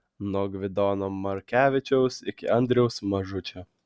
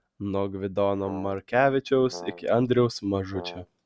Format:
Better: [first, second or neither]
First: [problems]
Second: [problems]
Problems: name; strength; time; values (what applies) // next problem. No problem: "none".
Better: first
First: none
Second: background sound (Brass instrument); 16 dB below the speech